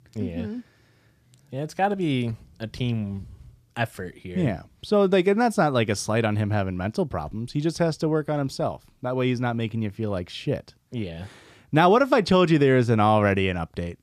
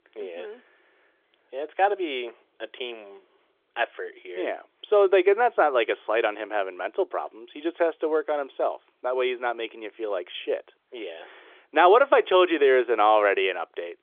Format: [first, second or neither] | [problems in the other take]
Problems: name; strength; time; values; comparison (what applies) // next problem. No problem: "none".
first | phone-call audio; nothing above 3.5 kHz